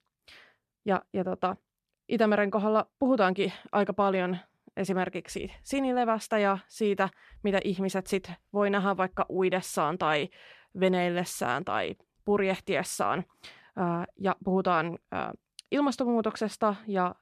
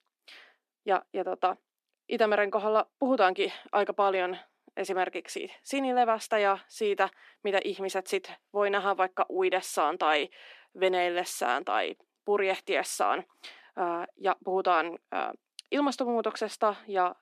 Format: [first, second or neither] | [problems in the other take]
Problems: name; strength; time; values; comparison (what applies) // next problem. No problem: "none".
first | thin; somewhat; fading below 250 Hz